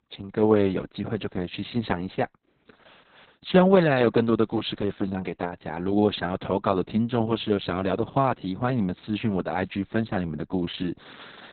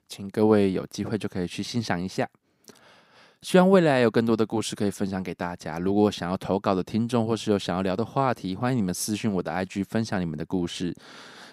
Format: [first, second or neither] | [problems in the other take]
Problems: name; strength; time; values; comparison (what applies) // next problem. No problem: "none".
second | garbled, watery; badly; nothing above 4 kHz